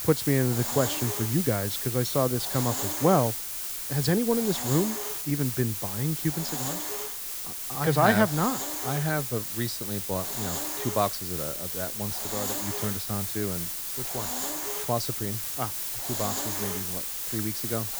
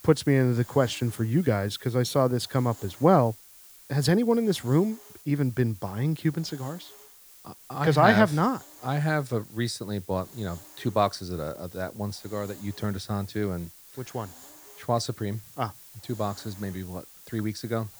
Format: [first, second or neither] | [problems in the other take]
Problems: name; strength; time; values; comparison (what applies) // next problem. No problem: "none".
second | hiss; loud; throughout; 1 dB below the speech; faint in the second